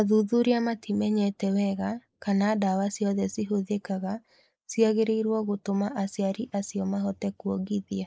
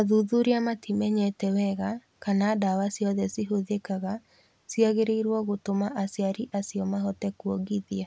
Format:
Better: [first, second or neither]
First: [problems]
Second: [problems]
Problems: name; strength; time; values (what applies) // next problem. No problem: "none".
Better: second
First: noise reduction (neural mask model Resemble Enhance denoiser)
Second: none